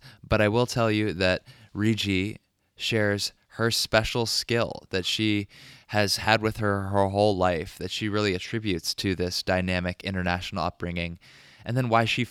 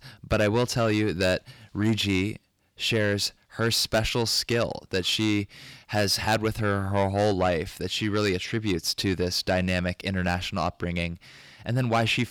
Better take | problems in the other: first | distortion; slight; 10 dB below the speech

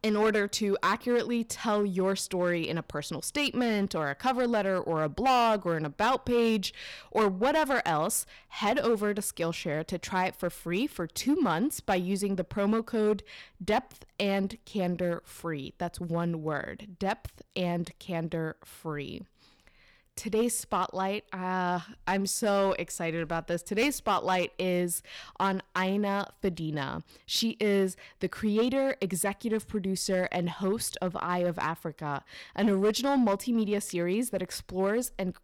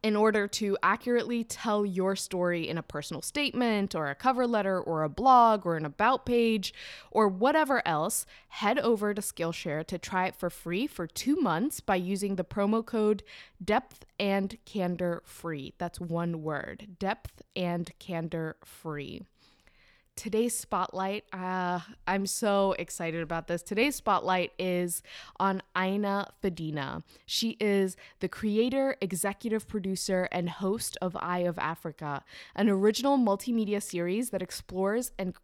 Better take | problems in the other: second | distortion; slight; 4% of the sound clipped

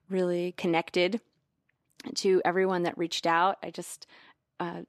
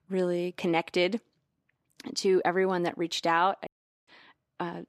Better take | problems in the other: first | audio cutting out; at 3.5 s

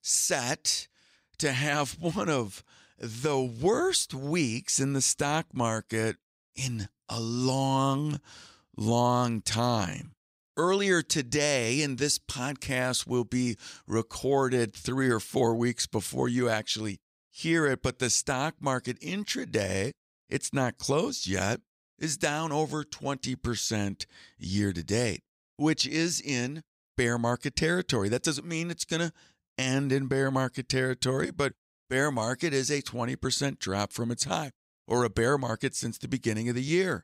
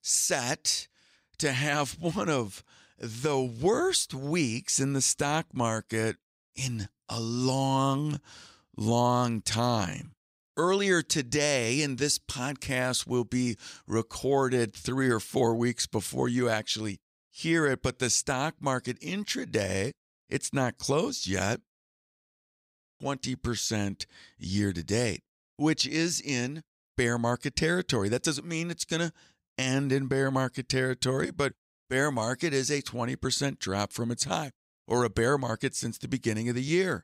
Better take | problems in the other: first | audio freezing; at 22 s for 1.5 s

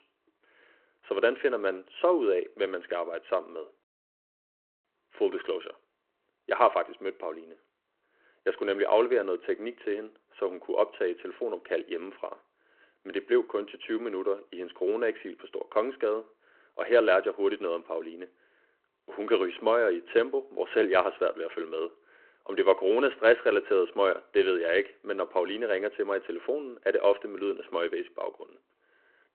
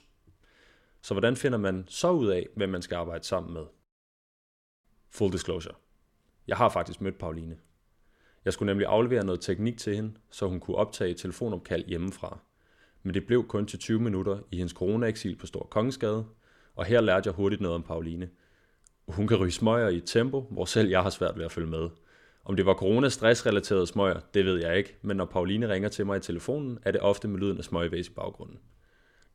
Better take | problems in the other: second | phone-call audio

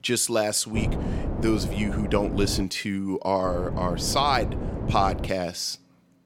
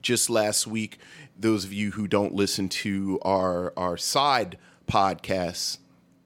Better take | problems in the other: second | wind noise on the microphone; occasional gusts; from 1 to 2.5 s and from 3.5 to 5.5 s; 10 dB below the speech

